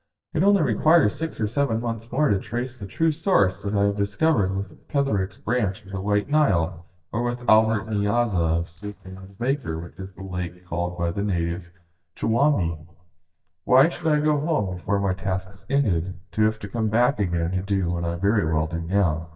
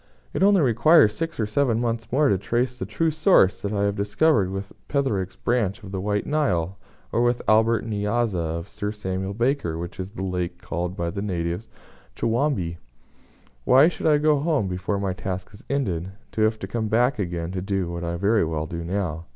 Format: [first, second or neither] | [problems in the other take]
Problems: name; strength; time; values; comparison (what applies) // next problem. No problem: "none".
second | noise reduction (neural mask model DeepFilterNet 3)